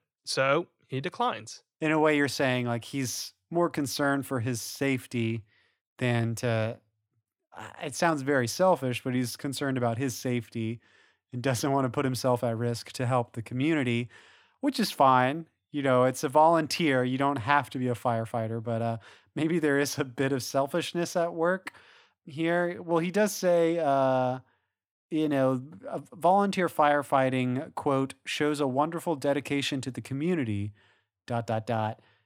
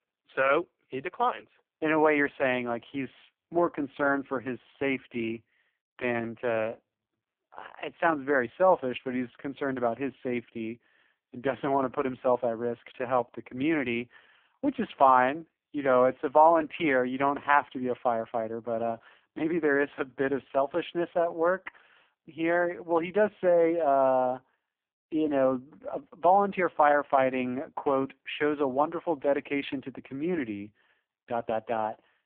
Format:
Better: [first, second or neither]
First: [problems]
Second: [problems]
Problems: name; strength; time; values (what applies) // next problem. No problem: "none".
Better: first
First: none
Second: phone-call audio; poor line